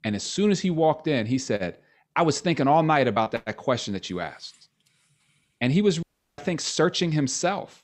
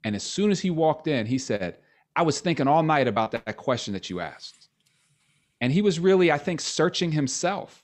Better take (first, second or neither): second